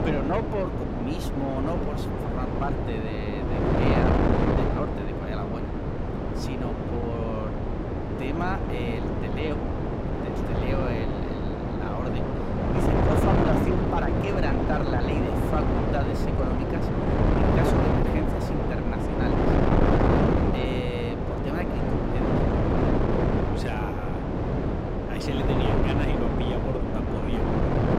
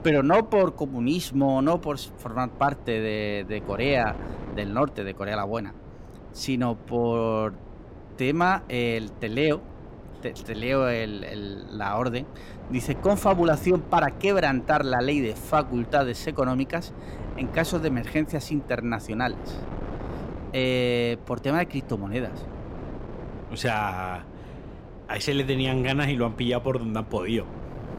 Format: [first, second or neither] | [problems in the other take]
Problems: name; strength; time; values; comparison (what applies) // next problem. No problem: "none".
second | wind noise on the microphone; heavy; 5 dB above the speech; occasional gusts in the second